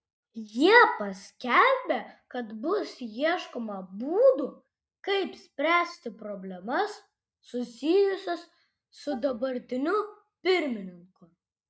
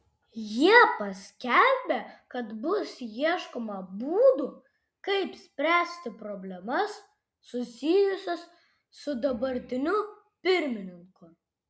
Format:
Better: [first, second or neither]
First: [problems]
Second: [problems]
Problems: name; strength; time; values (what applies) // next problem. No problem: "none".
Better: second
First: noise reduction (neural mask model DeepFilterNet 3)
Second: none